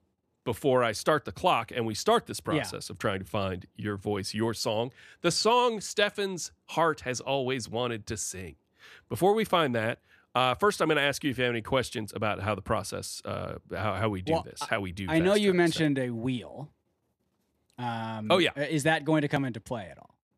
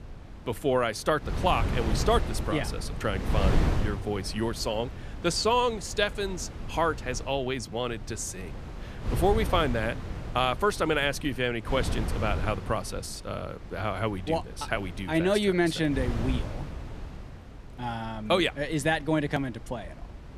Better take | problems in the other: first | wind noise on the microphone; occasional gusts; 15 dB below the speech

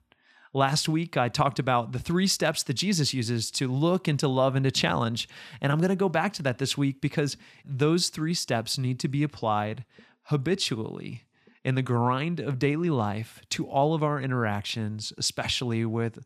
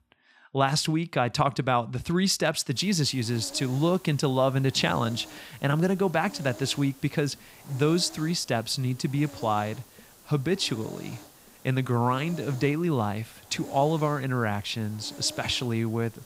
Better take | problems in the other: first | hiss; noticeable; from 2.5 s on; 20 dB below the speech

